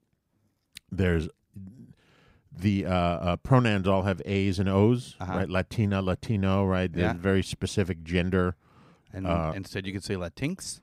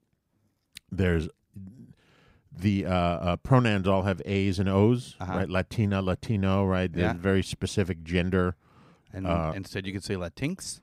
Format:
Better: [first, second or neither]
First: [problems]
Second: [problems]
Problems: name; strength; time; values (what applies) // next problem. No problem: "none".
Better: neither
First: none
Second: none